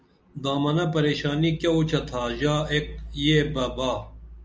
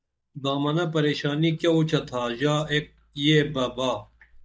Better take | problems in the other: first | noise reduction (neural mask model DeepFilterNet 3)

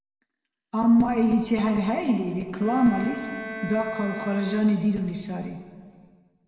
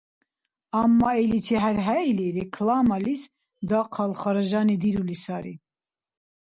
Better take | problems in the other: second | background sound (Bowed string instrument); 14 dB below the speech // room echo; dies away in 1.8 s

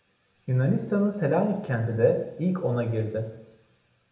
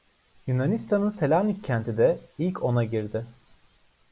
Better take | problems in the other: second | room echo; dies away in 0.7 s

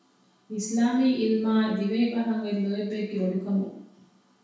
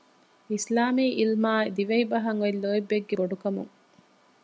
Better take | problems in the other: second | room echo; dies away in 0.6 s

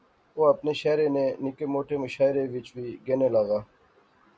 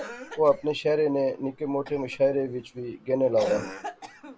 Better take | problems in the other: first | background sound (Cough); 13 dB below the speech

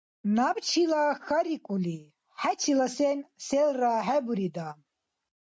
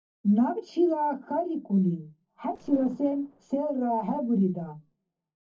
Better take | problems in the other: first | noise reduction (neural separator model SepFormer DNS4)

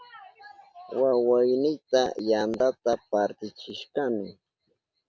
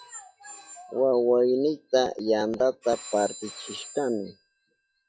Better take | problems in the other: first | noise reduction (classical method log-MMSE)

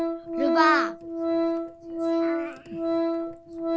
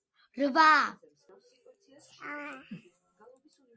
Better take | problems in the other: second | background sound (Organ); 4 dB above the speech

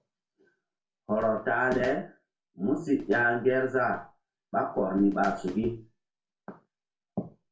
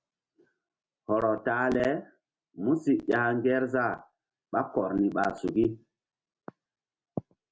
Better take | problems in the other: second | room echo; dies away in 0.3 s

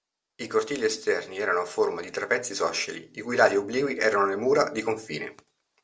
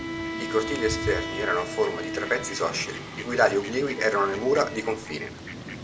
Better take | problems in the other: first | background sound (Fowl + Bowed string instrument); 7 dB below the speech

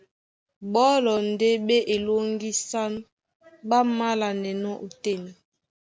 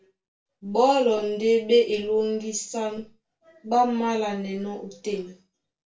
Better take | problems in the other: first | room echo; dies away in 0.2 s

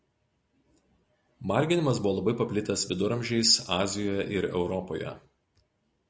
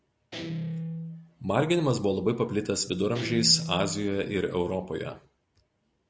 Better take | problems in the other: first | background sound (Guitar); 10 dB below the speech

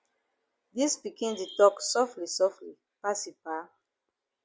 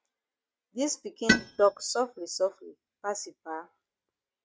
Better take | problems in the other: first | noise reduction (neural mask model RNNoise)

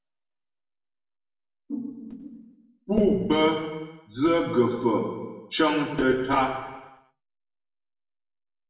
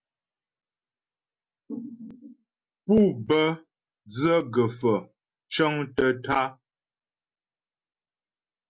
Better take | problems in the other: second | room echo; dies away in 1.1 s

